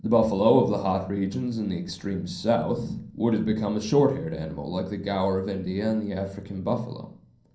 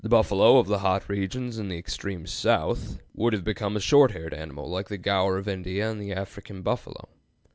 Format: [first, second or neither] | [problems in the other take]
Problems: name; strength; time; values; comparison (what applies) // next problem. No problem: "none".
second | room echo; dies away in 0.6 s